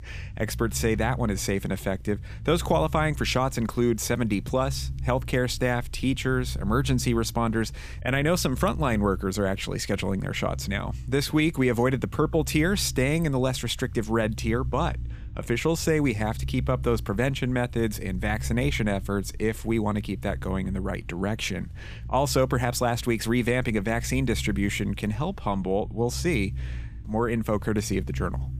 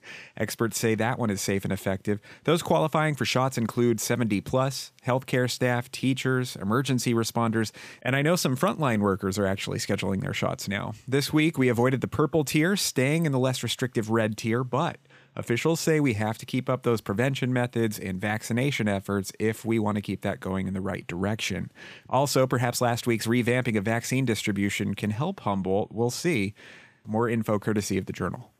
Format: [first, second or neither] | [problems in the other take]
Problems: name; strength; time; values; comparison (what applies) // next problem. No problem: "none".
second | low rumble; faint; throughout; 25 dB below the speech